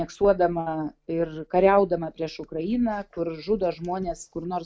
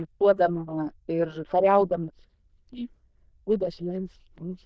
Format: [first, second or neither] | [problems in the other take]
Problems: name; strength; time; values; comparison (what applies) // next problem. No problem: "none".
first | noise reduction (neural diffusion model UNIVERSE++)